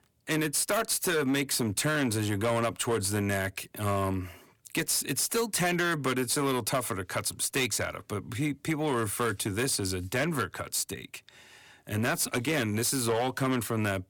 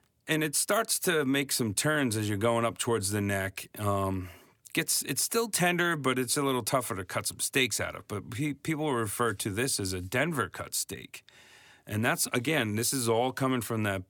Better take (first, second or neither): second